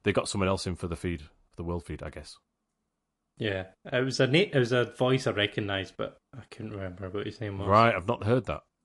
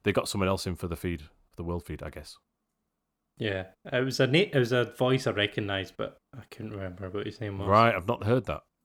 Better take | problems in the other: second | garbled, watery; slightly; nothing above 11 kHz

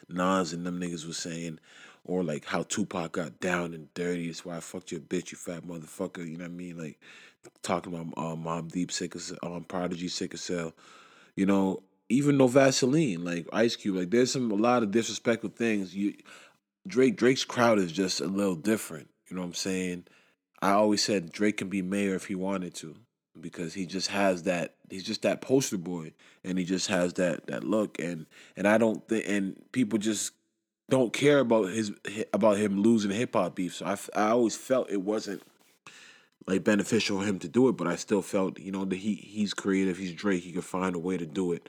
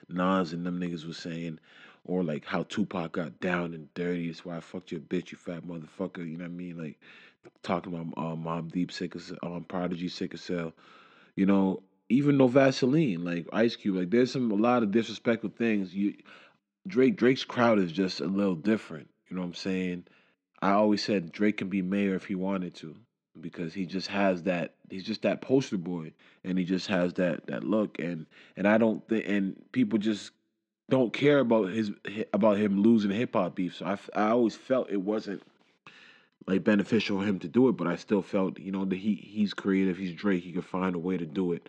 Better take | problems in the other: first | muffled; very slightly; fading above 4 kHz

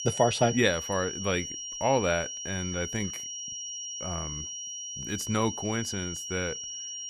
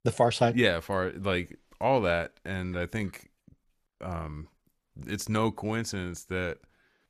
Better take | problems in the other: second | high-pitched whine; loud; throughout; 5.5 kHz, 5 dB below the speech

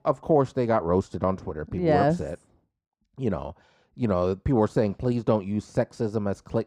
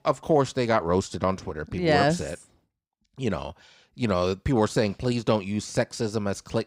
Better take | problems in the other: second | muffled; slightly; fading above 1.5 kHz

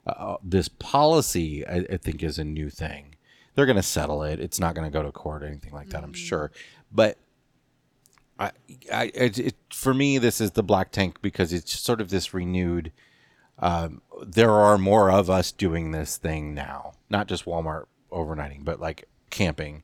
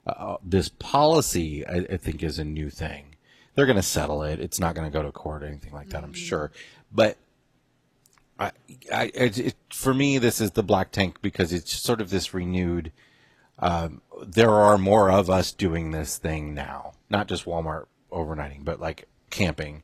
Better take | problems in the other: first | garbled, watery; slightly

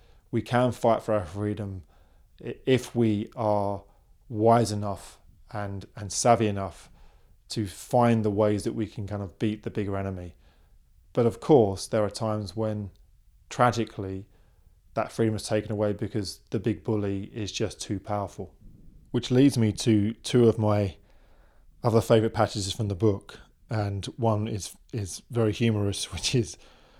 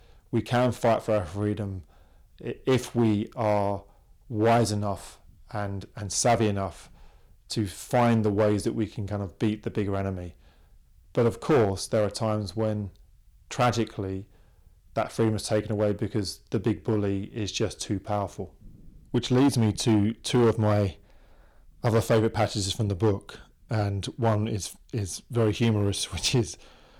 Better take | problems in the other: first | distortion; slight; 4% of the sound clipped

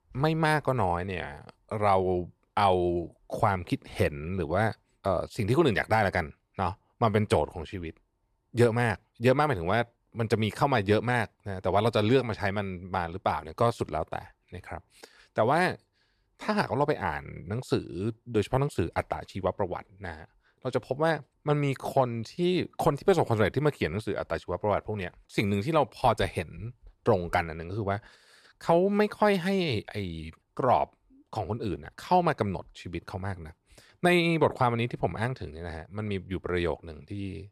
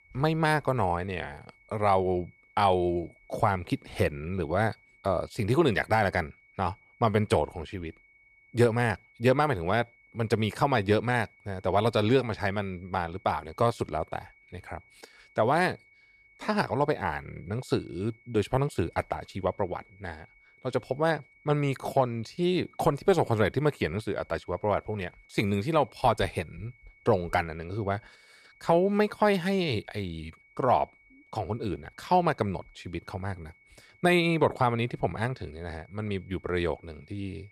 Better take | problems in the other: first | high-pitched whine; faint; throughout; 2 kHz, 30 dB below the speech

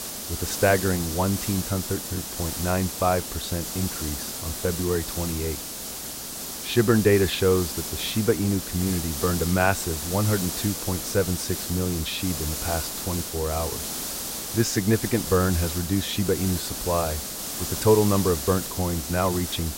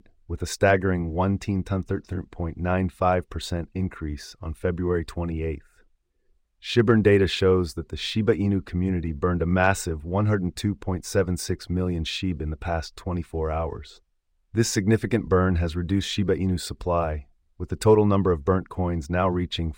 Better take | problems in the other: second | hiss; loud; throughout; 5 dB below the speech

